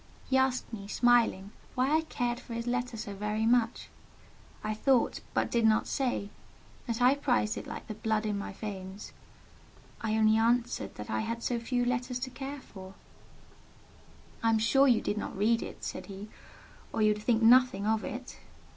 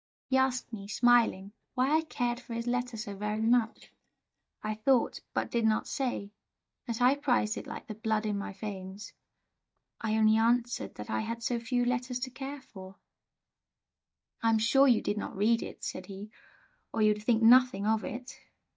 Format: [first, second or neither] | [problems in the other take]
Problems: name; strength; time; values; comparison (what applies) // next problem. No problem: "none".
first | noise reduction (neural mask model DeepFilterNet 3)